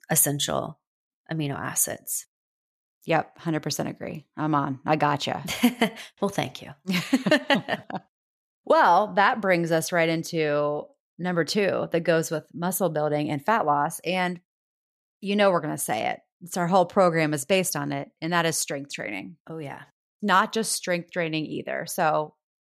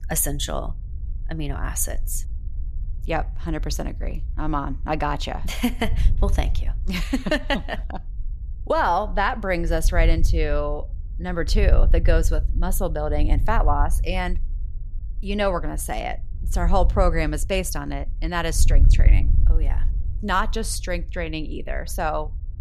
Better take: first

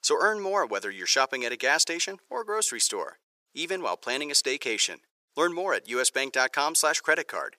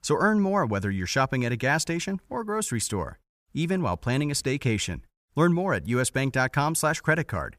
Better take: second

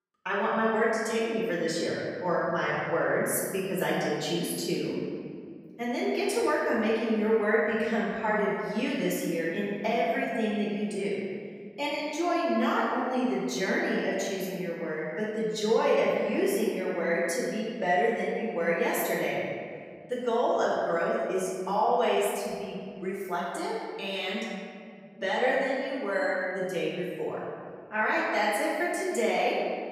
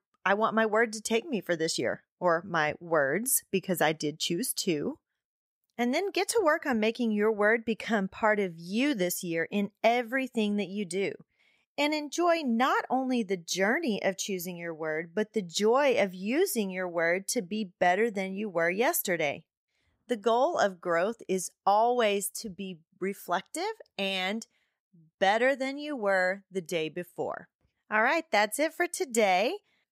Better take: second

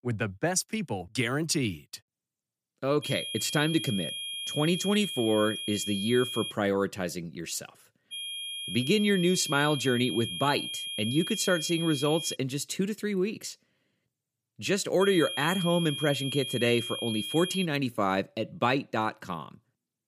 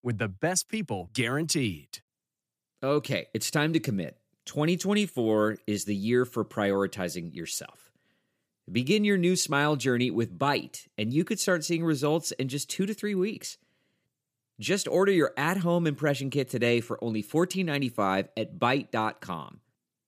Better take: second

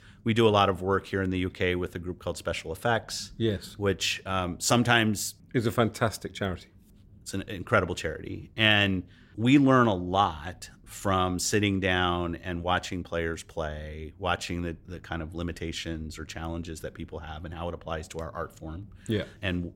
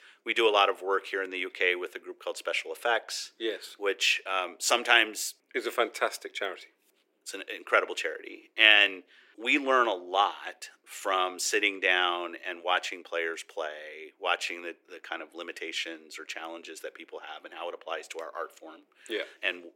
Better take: first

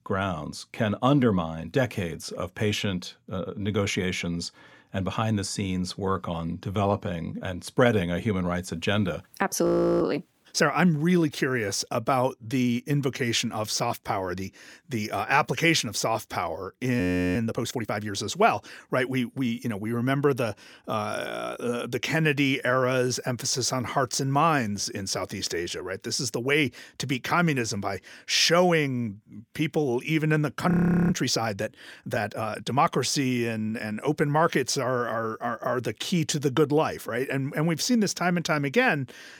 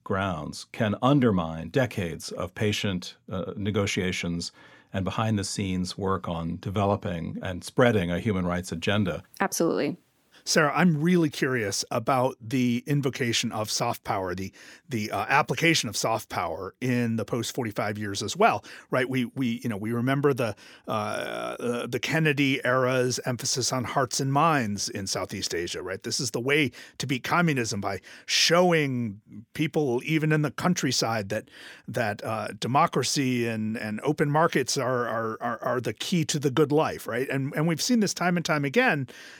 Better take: second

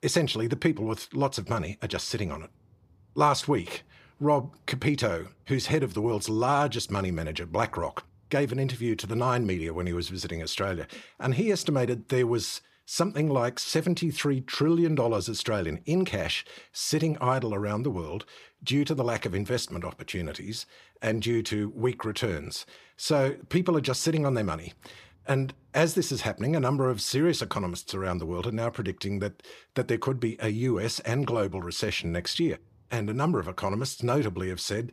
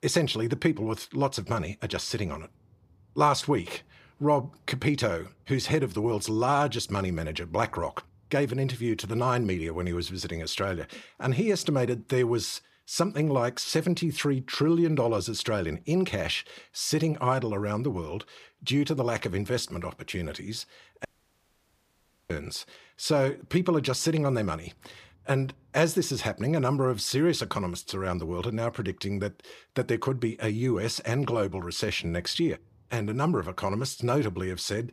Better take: first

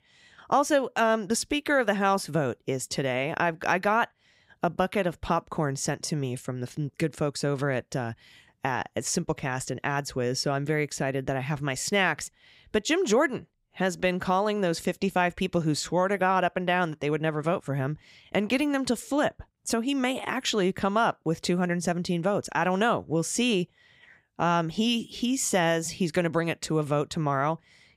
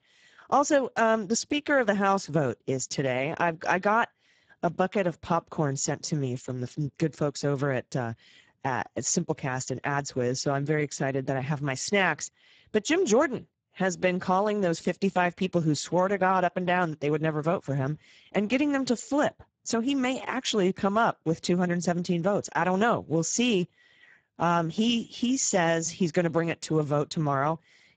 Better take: first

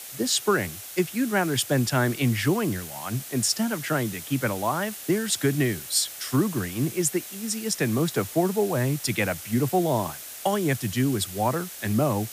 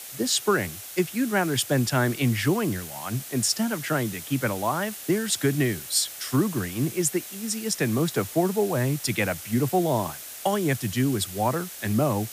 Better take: neither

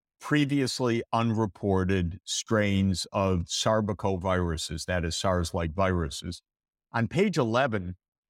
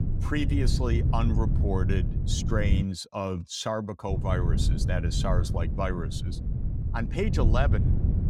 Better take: first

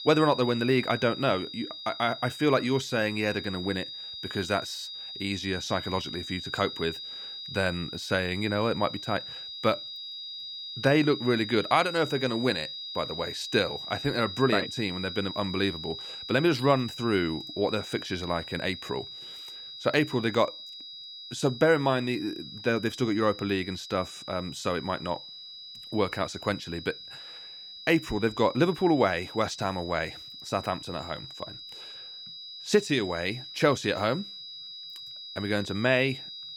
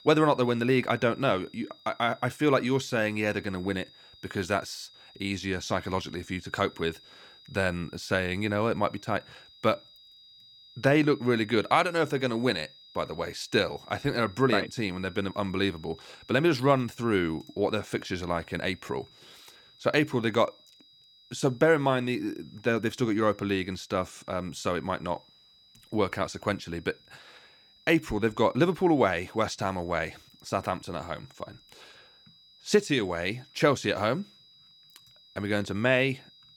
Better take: second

